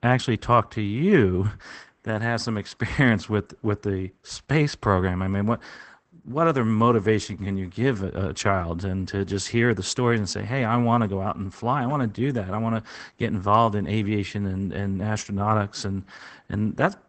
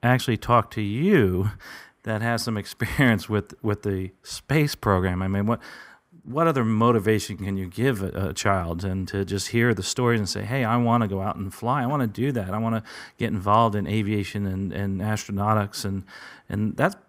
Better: second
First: garbled, watery; badly; nothing above 8 kHz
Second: none

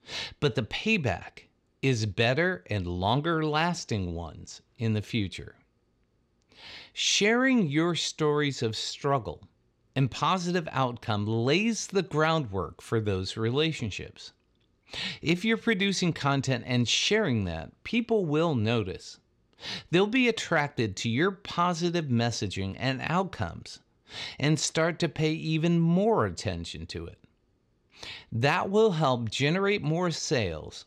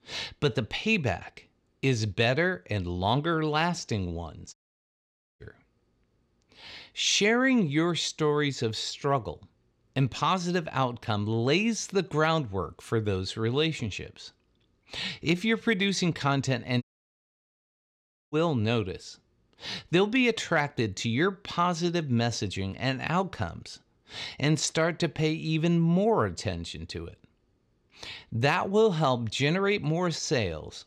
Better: first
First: none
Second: audio cutting out; at 4.5 s for 1 s and at 17 s for 1.5 s

